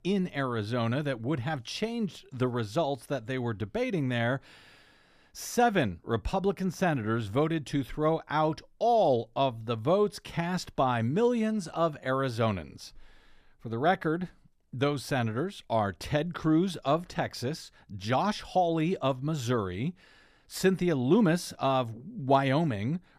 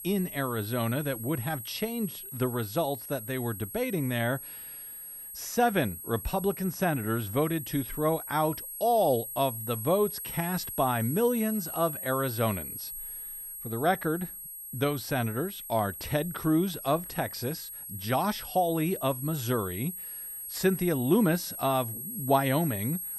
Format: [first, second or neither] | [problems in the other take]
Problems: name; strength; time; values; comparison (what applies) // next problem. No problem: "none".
first | high-pitched whine; loud; throughout; 11.5 kHz, 8 dB below the speech